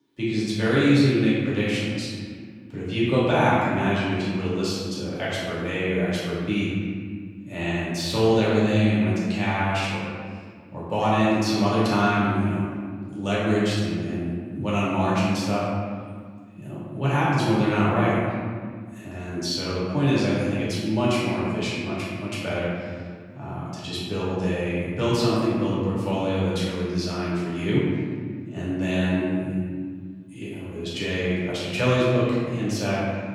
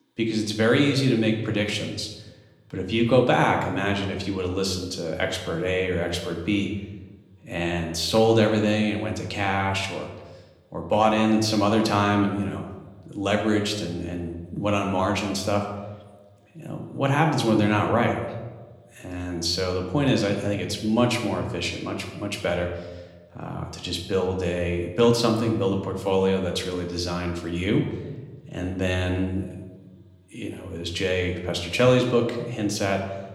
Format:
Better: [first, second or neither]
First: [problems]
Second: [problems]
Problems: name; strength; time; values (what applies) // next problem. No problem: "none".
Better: second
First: room echo; strong; dies away in 1.9 s // off-mic speech; far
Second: room echo; slight; dies away in 0.9 s // off-mic speech; somewhat distant